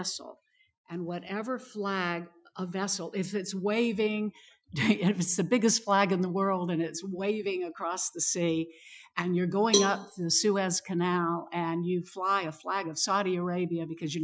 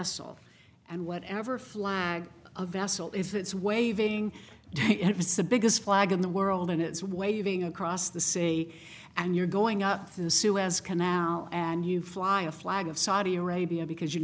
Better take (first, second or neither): second